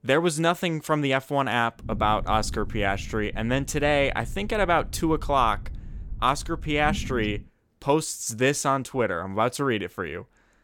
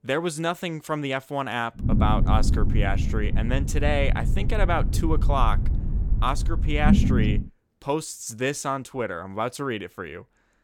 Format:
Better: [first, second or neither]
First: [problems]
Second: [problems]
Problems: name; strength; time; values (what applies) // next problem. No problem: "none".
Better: first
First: low rumble; faint; from 2 to 7.5 s; 25 dB below the speech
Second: low rumble; loud; from 2 to 7.5 s; 8 dB below the speech